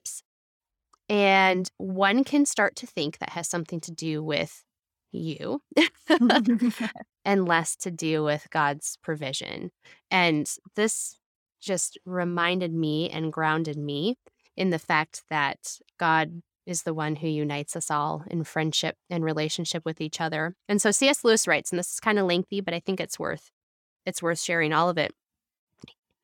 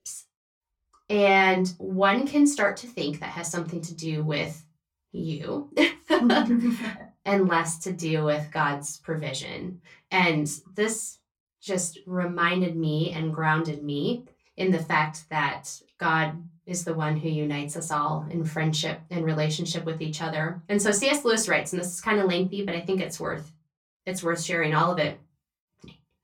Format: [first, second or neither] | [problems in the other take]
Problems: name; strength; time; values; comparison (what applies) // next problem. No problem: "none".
first | off-mic speech; far // room echo; very slight; dies away in 0.2 s